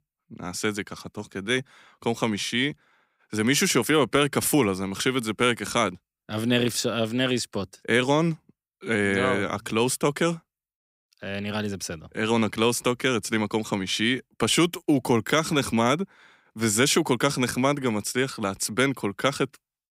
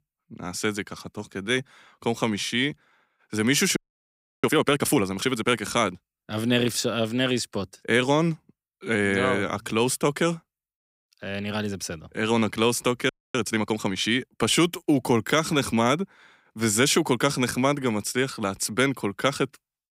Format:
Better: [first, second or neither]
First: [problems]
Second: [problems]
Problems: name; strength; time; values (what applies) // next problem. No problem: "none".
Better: first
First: none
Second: audio freezing; at 4 s for 0.5 s and at 13 s